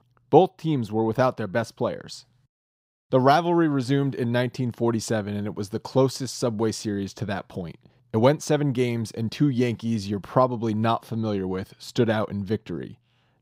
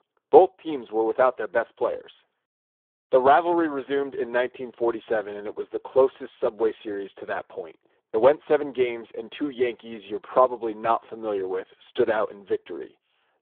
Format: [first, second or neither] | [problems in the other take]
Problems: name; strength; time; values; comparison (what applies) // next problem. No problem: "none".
first | phone-call audio; poor line